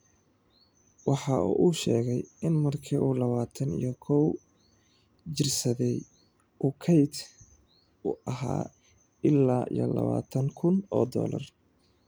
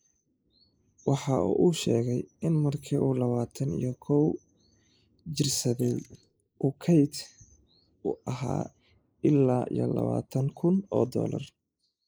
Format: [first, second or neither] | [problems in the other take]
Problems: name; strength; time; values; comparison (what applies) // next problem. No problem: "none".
first | noise reduction (neural mask model Resemble Enhance denoiser)